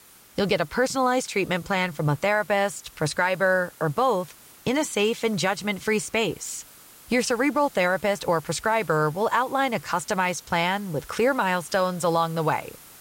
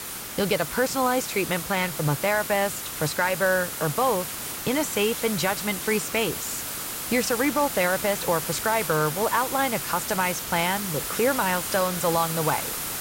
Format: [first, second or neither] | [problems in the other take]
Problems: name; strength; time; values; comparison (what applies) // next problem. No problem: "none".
first | hiss; loud; throughout; 4 dB below the speech; faint in the first